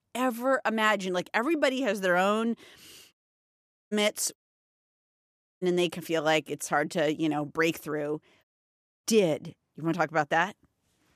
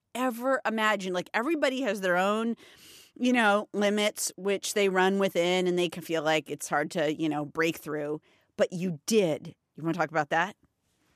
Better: second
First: audio cutting out; at 3 s for 1 s, at 4.5 s for 1.5 s and at 8.5 s for 0.5 s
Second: none

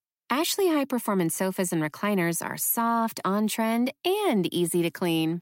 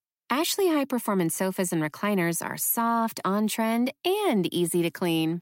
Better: neither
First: none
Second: none

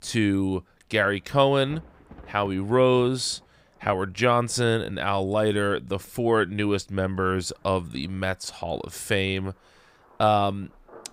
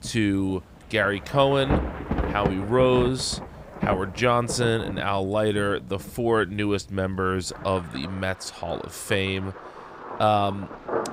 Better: first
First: rain or running water; faint; throughout; 30 dB below the speech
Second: rain or running water; loud; throughout; 9 dB below the speech

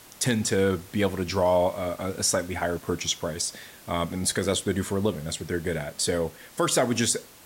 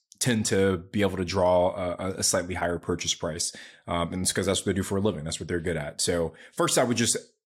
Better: second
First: hiss; faint; throughout; 20 dB below the speech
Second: none

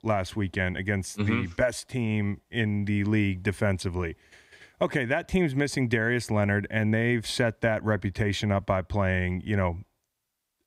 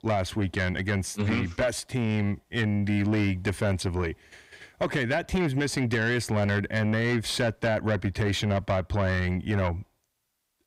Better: first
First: none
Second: distortion; slight; 10 dB below the speech

